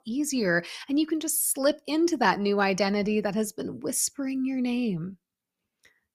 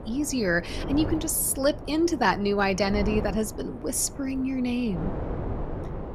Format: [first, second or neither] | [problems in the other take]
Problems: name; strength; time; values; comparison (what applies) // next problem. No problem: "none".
first | wind noise on the microphone; occasional gusts; 10 dB below the speech